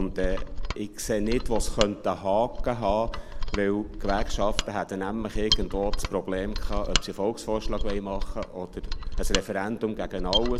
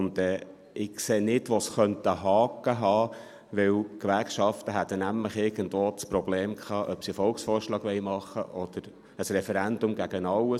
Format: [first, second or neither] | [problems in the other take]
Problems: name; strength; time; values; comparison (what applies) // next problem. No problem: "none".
second | background sound (Mechanisms); as loud as the speech